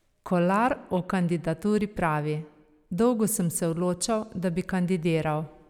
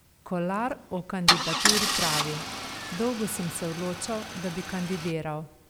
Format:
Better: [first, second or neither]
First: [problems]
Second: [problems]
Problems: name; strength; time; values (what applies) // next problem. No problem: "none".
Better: first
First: none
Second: background sound (Idling / Engine starting / Car); 1 dB above the speech